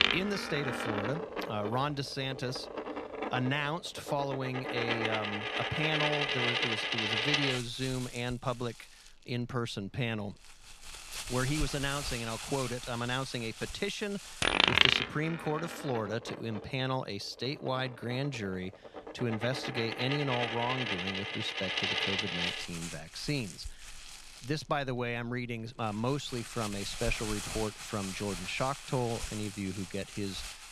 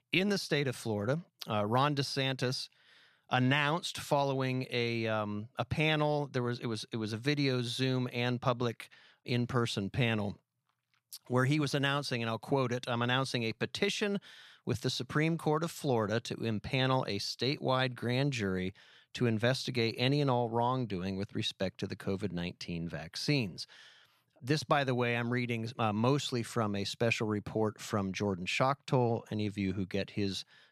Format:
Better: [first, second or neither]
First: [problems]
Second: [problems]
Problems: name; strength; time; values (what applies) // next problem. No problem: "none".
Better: second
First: household noises; very loud; throughout; 2 dB above the speech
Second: none